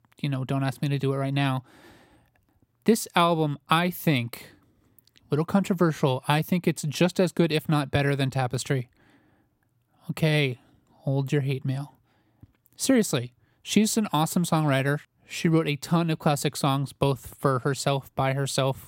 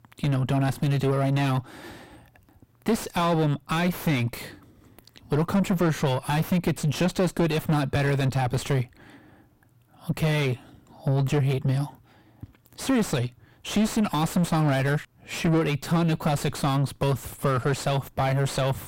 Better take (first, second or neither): first